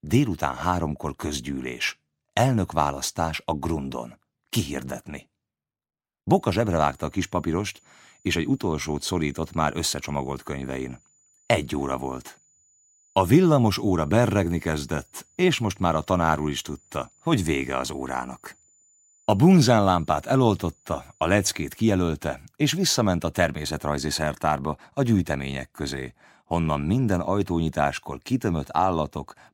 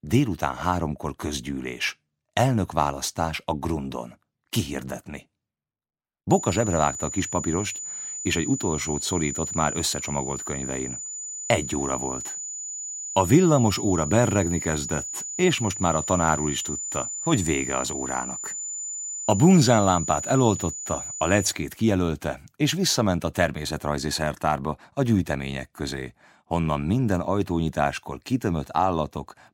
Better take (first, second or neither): first